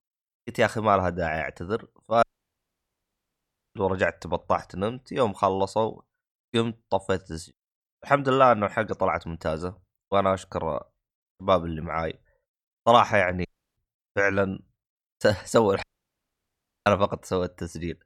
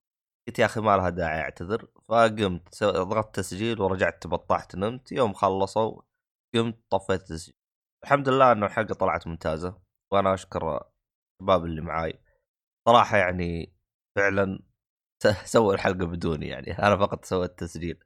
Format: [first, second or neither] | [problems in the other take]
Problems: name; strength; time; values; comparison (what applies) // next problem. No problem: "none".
second | audio cutting out; at 2 s for 1.5 s, at 13 s and at 16 s for 1 s